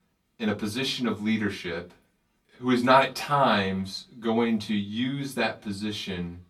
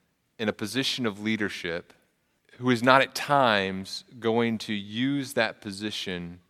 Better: second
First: off-mic speech; far // room echo; very slight; dies away in 0.2 s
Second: none

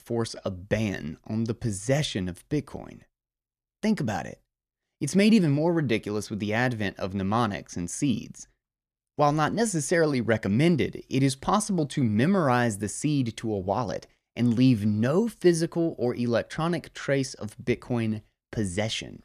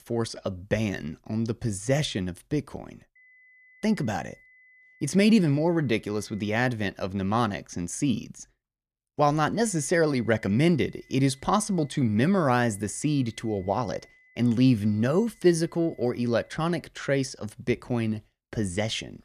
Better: first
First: none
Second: high-pitched whine; faint; from 3 to 6.5 s and from 9.5 to 17 s; 2 kHz, 30 dB below the speech

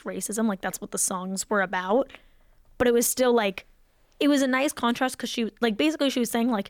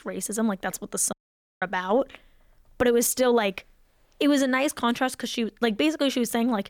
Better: first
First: none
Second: audio cutting out; at 1 s

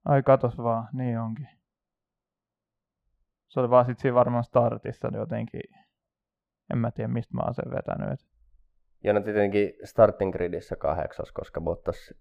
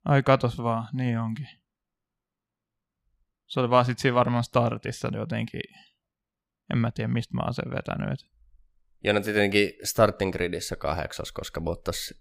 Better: second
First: muffled; very; fading above 2.5 kHz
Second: none

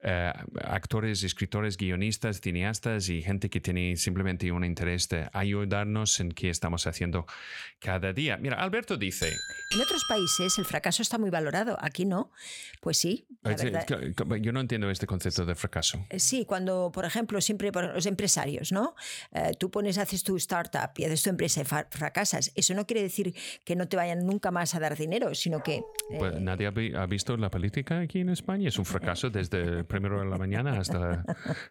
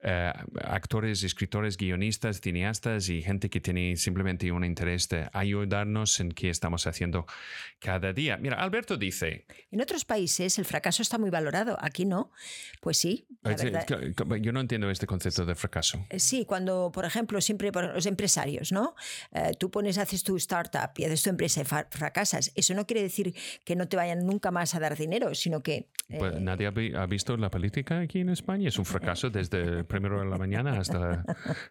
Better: second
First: doorbell; loud; from 9 to 11 s; peak 2 dB above the speech // dog barking; faint; at 26 s; peak 15 dB below the speech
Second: none

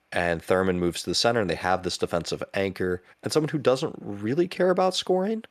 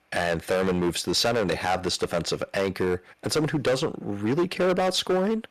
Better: first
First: none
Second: distortion; heavy; 13% of the sound clipped

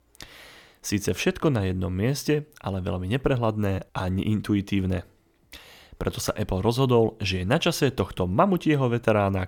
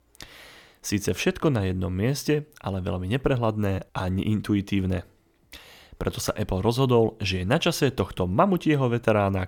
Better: neither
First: none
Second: none

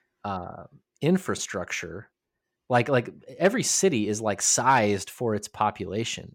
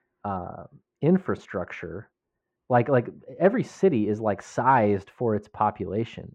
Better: first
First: none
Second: muffled; very; fading above 3.5 kHz

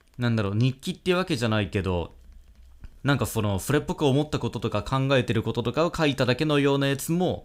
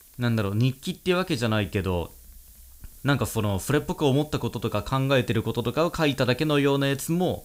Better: first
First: none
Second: hiss; faint; throughout; 25 dB below the speech

